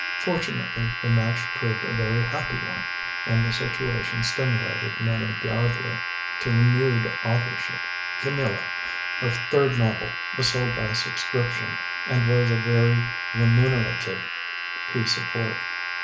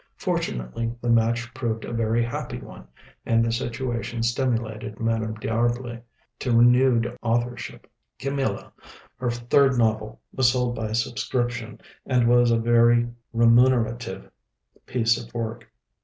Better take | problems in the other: second | background sound (Domestic sounds, home sounds); 4 dB below the speech

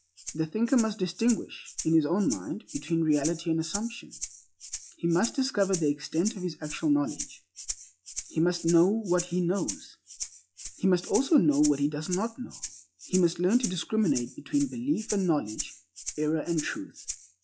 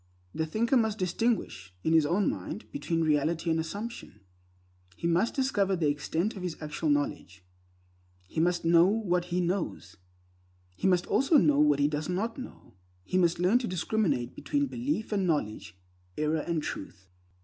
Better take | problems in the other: second | noise reduction (classical method log-MMSE)

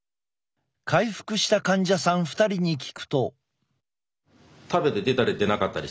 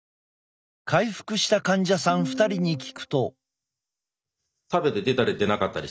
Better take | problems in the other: first | noise reduction (neural mask model DeepFilterNet 3)

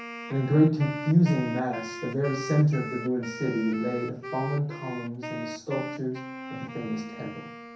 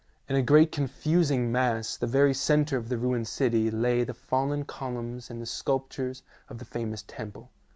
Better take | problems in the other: second | background sound (Wind instrument, woodwind instrument); 10 dB below the speech // room echo; dies away in 0.6 s

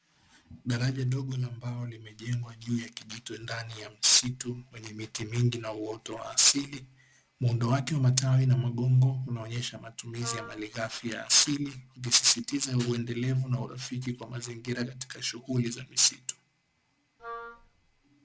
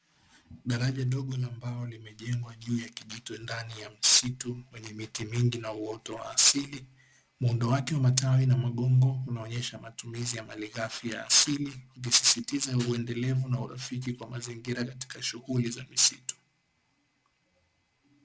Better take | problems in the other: second | background sound (Wind instrument, woodwind instrument); 15 dB below the speech

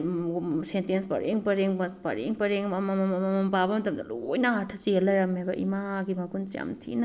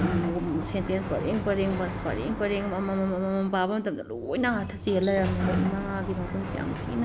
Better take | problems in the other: first | background sound (Sliding door); 5 dB below the speech

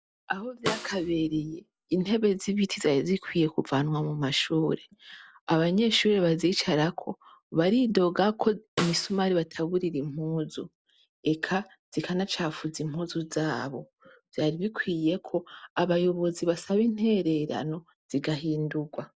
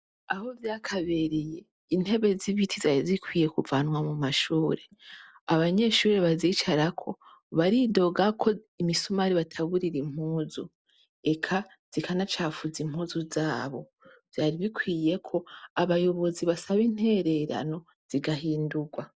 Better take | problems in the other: second | background sound (Snare drum); 10 dB below the speech

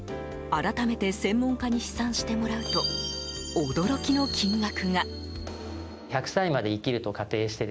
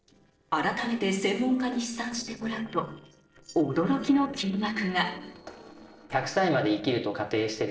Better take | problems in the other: first | noise reduction (neural separator model SepFormer DNS4)

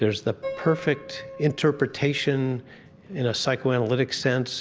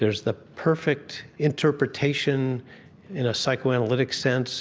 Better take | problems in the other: second | background sound (Piano); 17 dB below the speech

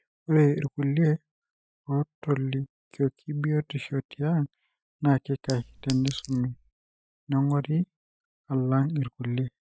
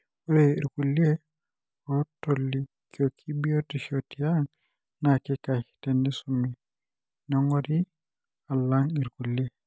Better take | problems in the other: second | noise reduction (classical method Wiener filter)

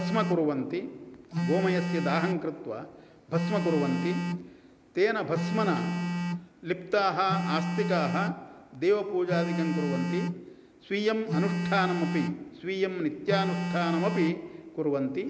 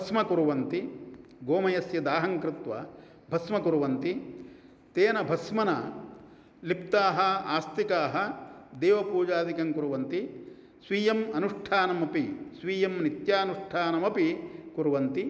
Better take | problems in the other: second | background sound (Telephone); 3 dB below the speech

